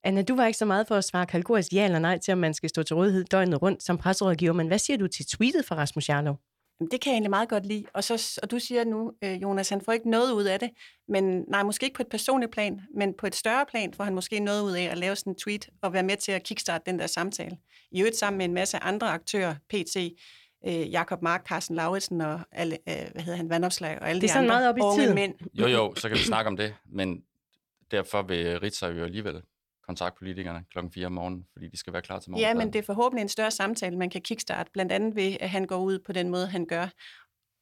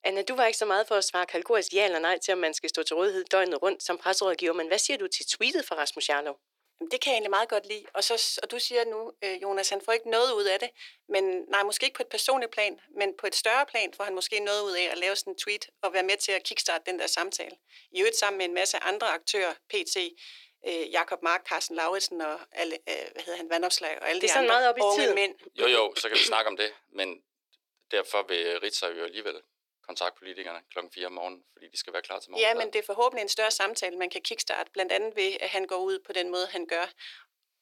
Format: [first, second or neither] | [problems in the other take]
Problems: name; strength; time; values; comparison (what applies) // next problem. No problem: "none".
first | thin; very; fading below 350 Hz